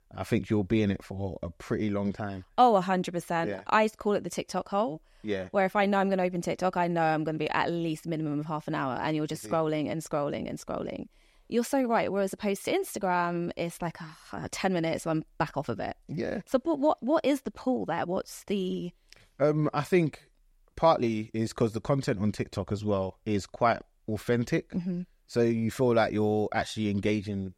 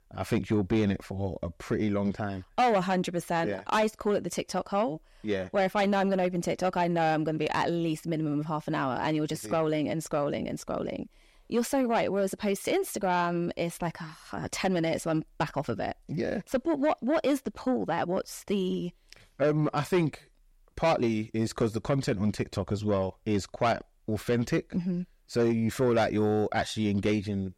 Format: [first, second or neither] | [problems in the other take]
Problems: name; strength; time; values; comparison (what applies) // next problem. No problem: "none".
first | distortion; slight; 10 dB below the speech